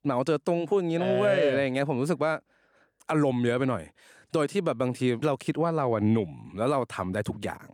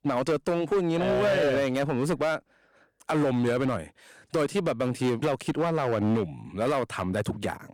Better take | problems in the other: first | distortion; slight; 12% of the sound clipped

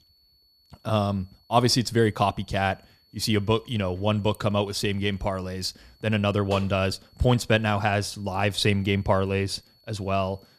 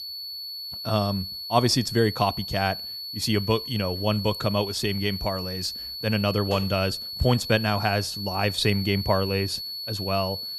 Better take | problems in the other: first | high-pitched whine; loud; throughout; 4.5 kHz, 6 dB below the speech; faint in the first

